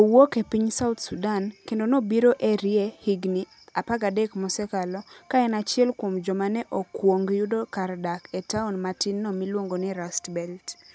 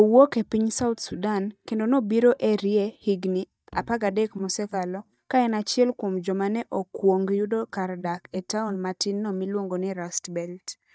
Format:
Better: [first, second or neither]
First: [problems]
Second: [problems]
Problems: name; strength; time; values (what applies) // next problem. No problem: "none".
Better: first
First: none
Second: noise reduction (neural mask model DeepFilterNet 3)